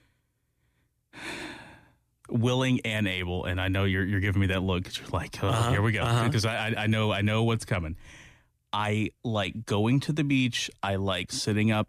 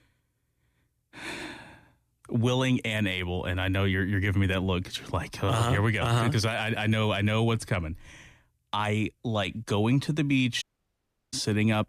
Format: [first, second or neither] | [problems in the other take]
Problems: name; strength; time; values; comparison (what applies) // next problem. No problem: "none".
first | audio cutting out; at 11 s for 0.5 s